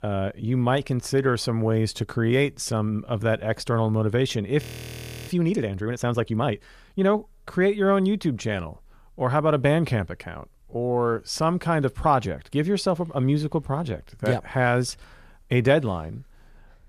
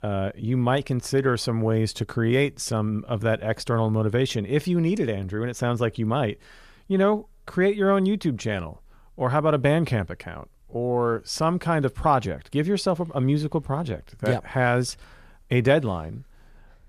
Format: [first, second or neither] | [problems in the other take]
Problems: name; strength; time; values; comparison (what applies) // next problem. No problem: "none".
second | audio freezing; at 4.5 s for 0.5 s